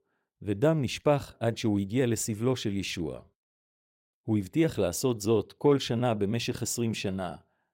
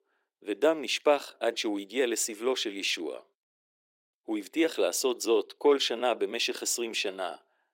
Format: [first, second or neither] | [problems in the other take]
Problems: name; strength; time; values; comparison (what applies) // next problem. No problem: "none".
first | thin; somewhat; fading below 300 Hz